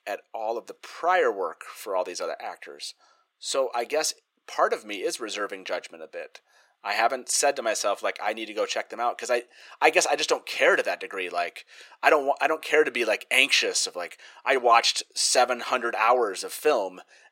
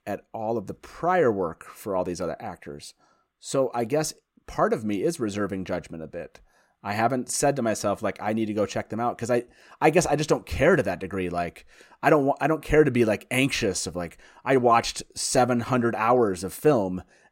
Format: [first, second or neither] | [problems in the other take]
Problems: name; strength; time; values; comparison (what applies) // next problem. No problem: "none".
second | thin; very; fading below 450 Hz